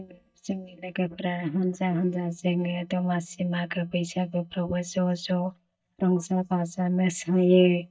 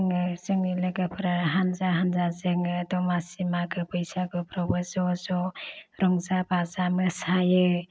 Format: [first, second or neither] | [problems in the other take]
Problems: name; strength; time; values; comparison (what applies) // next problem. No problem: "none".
second | noise reduction (neural mask model DeepFilterNet 3)